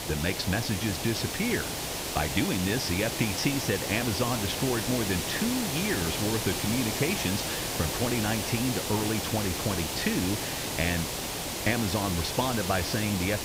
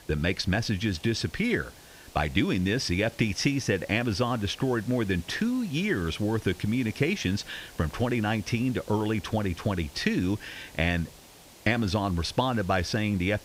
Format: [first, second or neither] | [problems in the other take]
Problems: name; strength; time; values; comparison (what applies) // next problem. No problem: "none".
second | hiss; loud; throughout; 1 dB below the speech; faint in the second